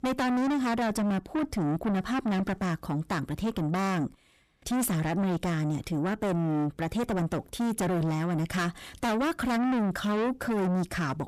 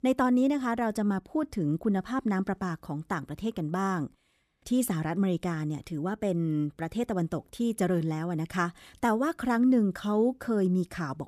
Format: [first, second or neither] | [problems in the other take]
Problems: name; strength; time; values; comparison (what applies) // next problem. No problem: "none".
second | distortion; heavy; 6 dB below the speech